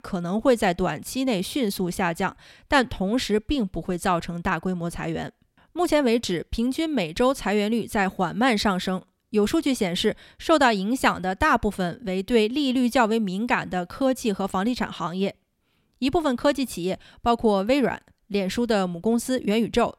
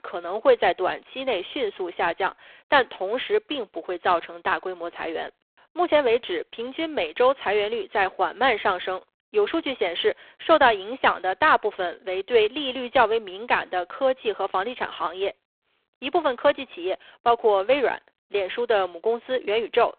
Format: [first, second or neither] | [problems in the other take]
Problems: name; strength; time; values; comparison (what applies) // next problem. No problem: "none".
first | phone-call audio; poor line